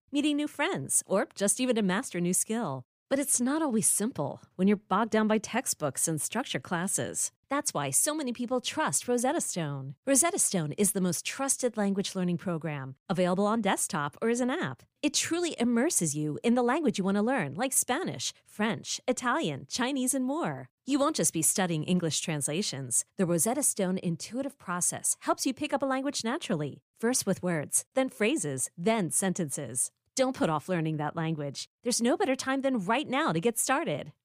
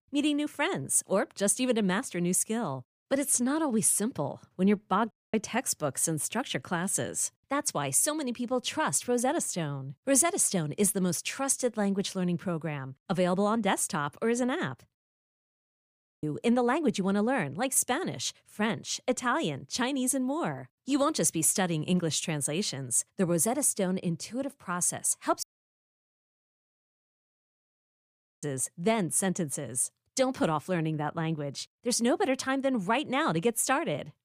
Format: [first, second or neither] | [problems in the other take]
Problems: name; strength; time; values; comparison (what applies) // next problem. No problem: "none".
first | audio cutting out; at 5 s, at 15 s for 1.5 s and at 25 s for 3 s